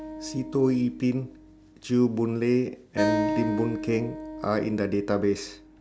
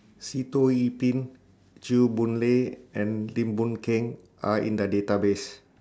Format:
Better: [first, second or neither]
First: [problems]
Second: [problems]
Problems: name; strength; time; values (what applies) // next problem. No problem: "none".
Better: second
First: background sound (Acoustic guitar); 7 dB below the speech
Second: none